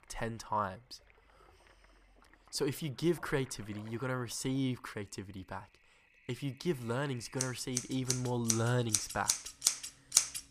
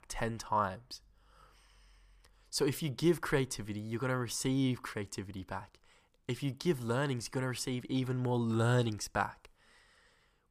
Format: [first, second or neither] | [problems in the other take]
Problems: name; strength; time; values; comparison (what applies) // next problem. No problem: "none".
second | household noises; very loud; throughout; 3 dB above the speech